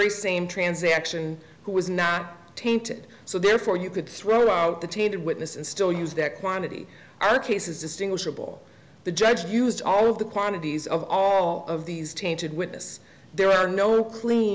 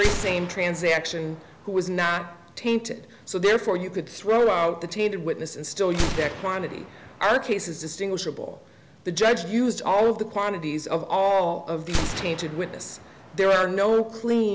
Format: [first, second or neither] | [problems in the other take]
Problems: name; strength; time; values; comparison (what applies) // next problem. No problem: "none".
first | background sound (Gunshot, gunfire); 11 dB below the speech